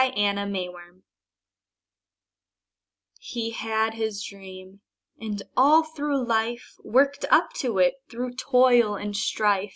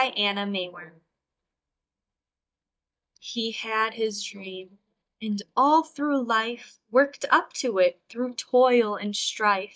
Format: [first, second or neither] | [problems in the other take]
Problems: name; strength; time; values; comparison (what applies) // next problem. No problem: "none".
first | noise reduction (neural mask model DeepFilterNet 3)